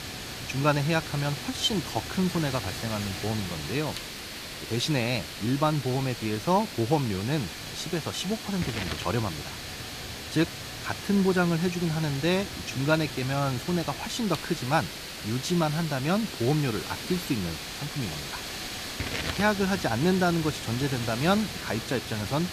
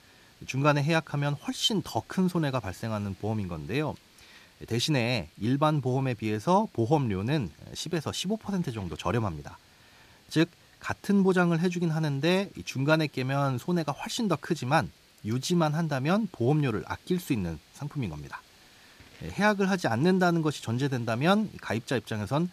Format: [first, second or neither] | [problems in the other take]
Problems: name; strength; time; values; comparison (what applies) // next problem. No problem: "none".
second | hiss; loud; throughout; 7 dB below the speech; faint in the second